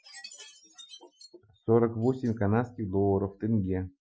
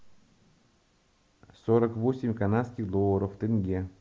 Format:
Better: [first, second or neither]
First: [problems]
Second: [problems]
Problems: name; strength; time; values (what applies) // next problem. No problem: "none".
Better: second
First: noise reduction (classical method Wiener filter)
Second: none